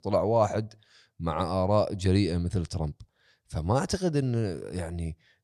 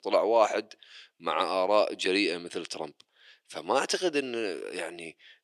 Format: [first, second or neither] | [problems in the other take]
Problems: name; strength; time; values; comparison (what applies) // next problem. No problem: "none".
first | thin; somewhat; fading below 350 Hz